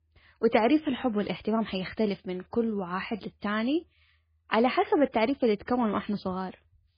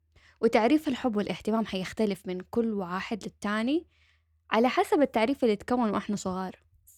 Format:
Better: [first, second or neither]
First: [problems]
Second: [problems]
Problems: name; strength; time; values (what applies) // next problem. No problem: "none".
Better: second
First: garbled, watery; badly; nothing above 4.5 kHz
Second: none